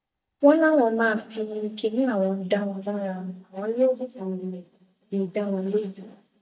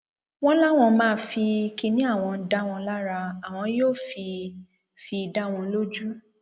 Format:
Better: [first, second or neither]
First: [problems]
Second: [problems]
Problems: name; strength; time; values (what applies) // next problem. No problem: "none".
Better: second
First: noise reduction (neural mask model DeepFilterNet 3)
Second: none